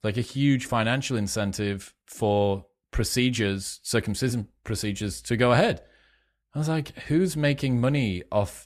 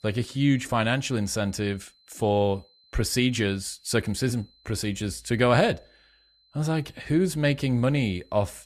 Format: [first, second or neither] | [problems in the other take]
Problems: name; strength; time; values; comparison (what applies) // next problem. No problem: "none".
first | high-pitched whine; faint; throughout; 4 kHz, 35 dB below the speech